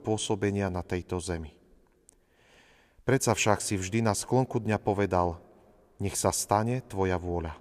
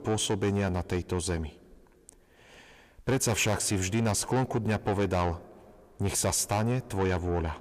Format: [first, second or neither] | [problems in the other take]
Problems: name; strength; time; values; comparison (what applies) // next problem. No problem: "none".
first | distortion; heavy; 7 dB below the speech